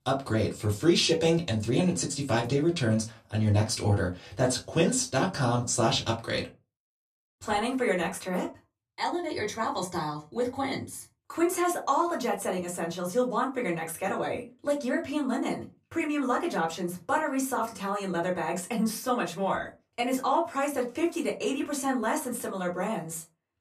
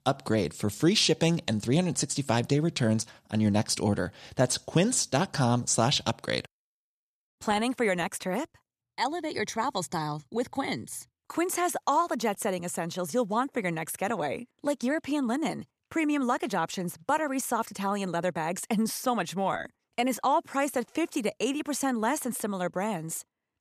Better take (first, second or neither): second